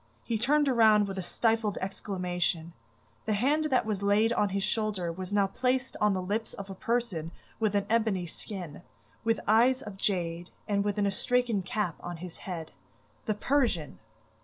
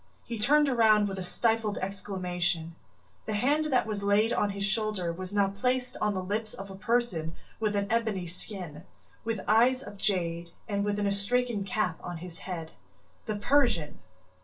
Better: first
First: none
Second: room echo; dies away in 0.2 s

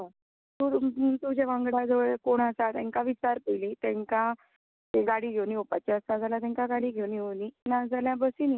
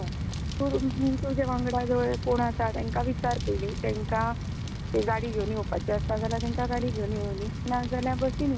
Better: first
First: none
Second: background sound (Fire); 2 dB below the speech

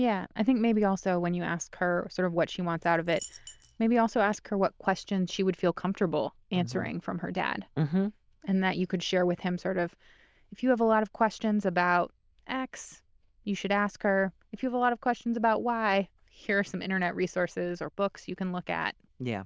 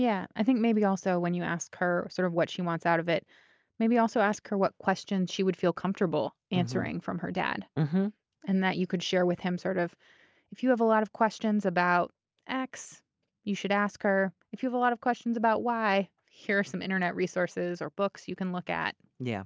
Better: second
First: noise reduction (neural diffusion model UNIVERSE++)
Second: none

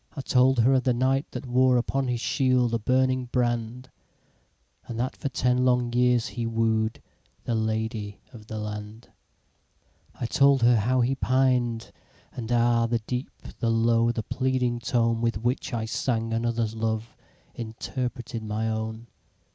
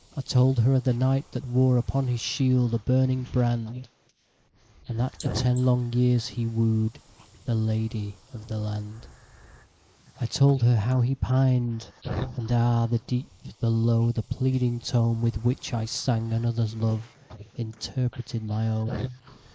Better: first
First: none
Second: noise reduction (neural mask model Resemble Enhance denoiser)

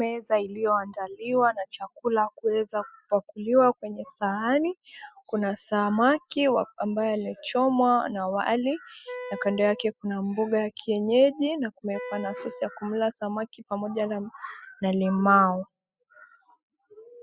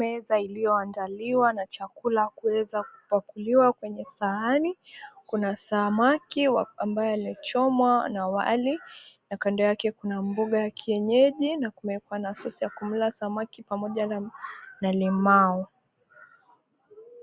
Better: second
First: noise reduction (classical method spectral subtraction)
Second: none

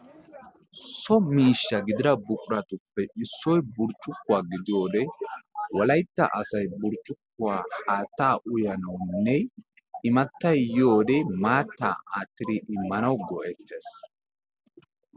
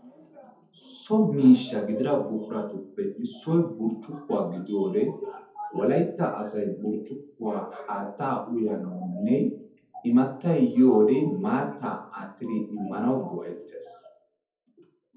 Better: first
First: none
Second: room echo; dies away in 0.5 s

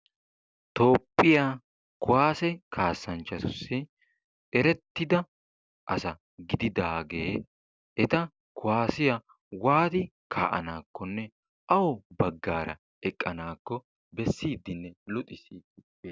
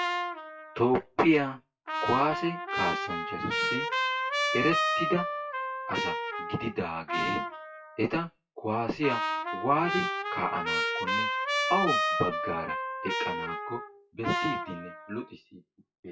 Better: first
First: none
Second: noise reduction (classical method WPE with log-MMSE)

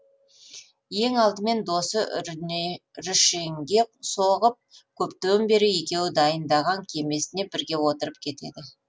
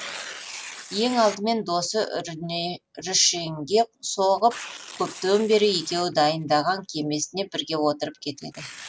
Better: first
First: none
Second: background sound (Tearing); 17 dB below the speech

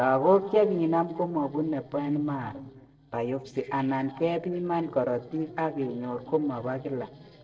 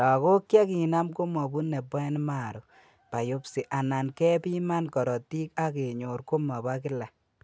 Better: second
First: noise reduction (neural separator model SepFormer DNS4)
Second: none

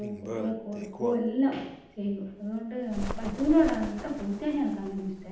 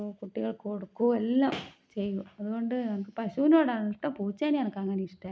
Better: second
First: background sound (Bird); 10 dB below the speech // room echo; dies away in 0.8 s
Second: none

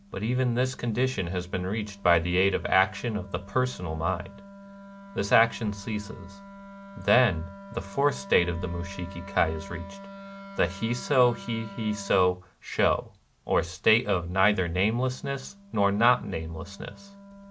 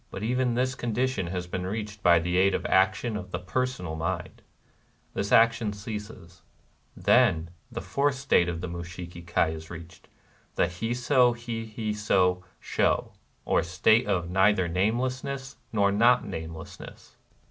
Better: second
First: background sound (Wind instrument, woodwind instrument); 18 dB below the speech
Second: none

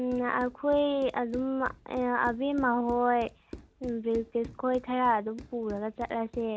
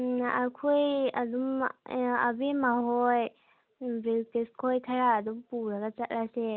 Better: second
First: background sound (Run); 18 dB below the speech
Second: none

